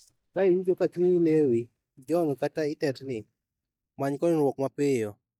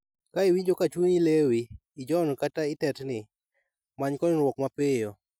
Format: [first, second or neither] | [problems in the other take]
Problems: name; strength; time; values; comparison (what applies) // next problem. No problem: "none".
second | noise reduction (neural mask model DeepFilterNet 3)